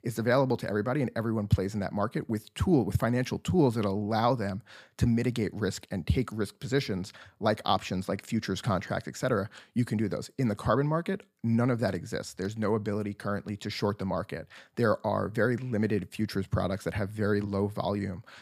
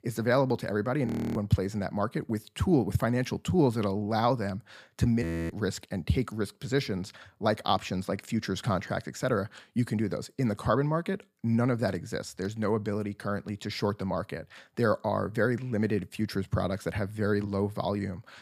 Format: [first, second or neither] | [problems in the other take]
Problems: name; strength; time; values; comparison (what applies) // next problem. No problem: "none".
first | audio freezing; at 1 s and at 5 s